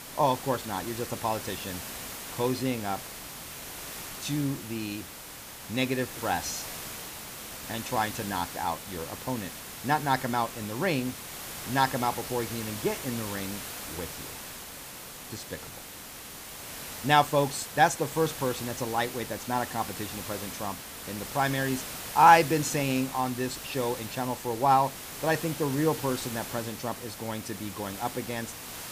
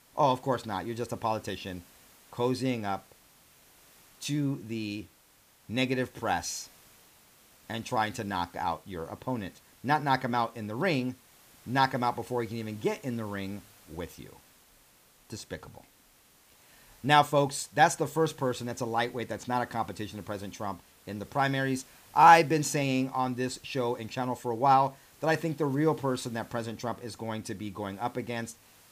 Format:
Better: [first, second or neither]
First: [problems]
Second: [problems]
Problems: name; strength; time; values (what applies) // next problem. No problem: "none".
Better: second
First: hiss; loud; throughout; 9 dB below the speech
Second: hiss; faint; throughout; 25 dB below the speech